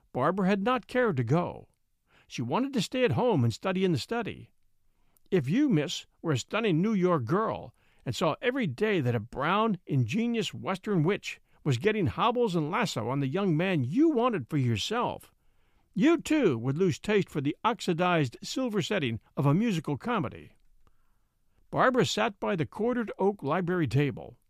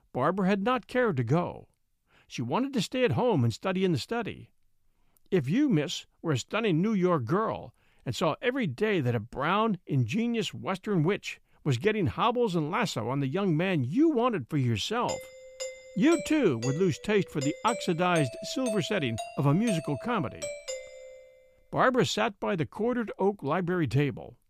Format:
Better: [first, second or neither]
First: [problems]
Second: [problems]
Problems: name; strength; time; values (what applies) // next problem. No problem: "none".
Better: first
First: none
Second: doorbell; noticeable; from 15 to 21 s; peak 8 dB below the speech